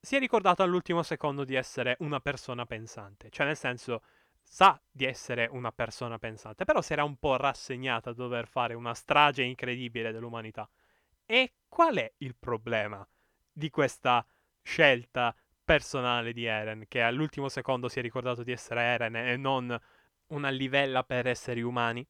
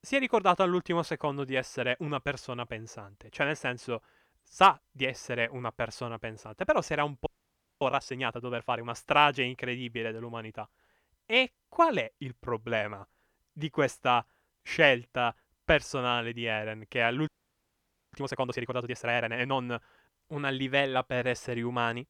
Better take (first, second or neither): first